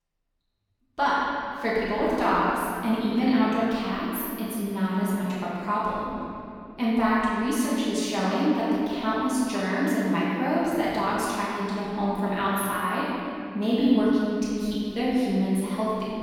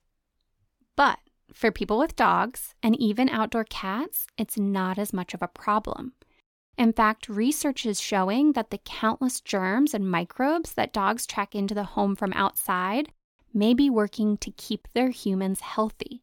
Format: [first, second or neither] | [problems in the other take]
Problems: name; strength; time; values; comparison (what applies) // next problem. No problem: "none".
second | room echo; strong; dies away in 2.4 s // off-mic speech; far